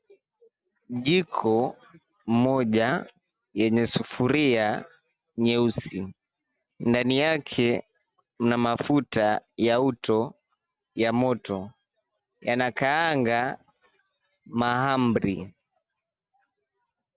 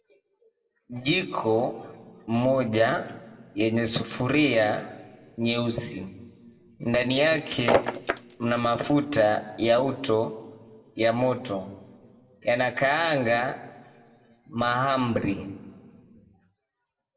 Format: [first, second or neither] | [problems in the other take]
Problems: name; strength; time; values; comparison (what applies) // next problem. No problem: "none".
first | background sound (Shatter); 3 dB below the speech // room echo; dies away in 1 s